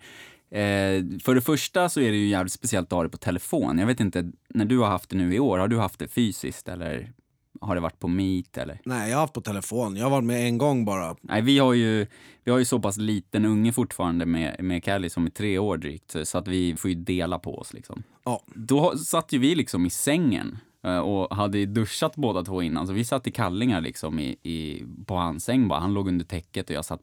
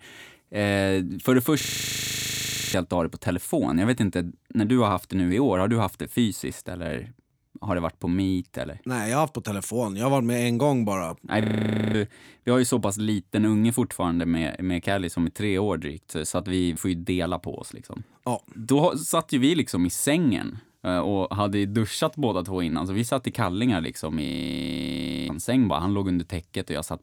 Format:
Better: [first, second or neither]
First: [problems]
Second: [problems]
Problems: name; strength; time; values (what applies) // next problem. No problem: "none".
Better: first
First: none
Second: audio freezing; at 1.5 s for 1 s, at 11 s for 0.5 s and at 24 s for 1 s